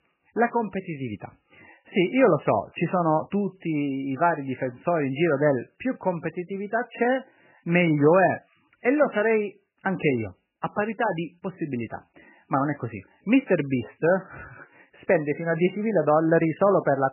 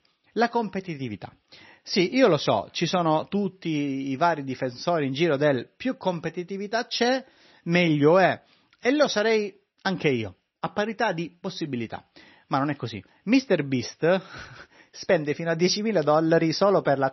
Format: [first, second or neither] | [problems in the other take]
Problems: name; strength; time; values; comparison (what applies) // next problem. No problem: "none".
second | garbled, watery; badly; nothing above 3 kHz; slightly in the second